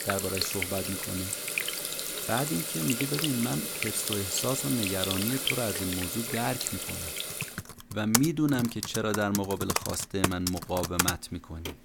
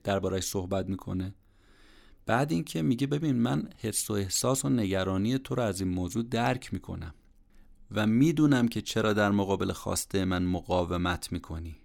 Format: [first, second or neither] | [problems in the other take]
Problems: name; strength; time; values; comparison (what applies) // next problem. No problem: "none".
second | household noises; very loud; throughout; 1 dB above the speech